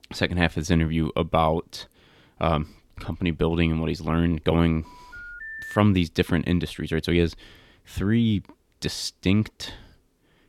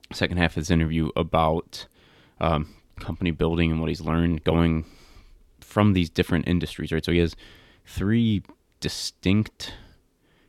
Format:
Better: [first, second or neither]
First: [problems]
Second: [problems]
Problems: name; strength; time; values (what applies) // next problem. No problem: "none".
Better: second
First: phone ringing; faint; at 5 s; peak 10 dB below the speech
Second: none